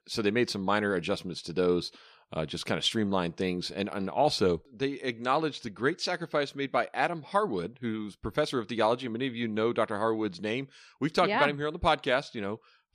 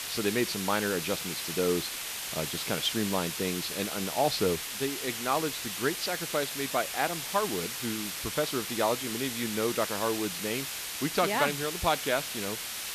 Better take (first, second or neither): first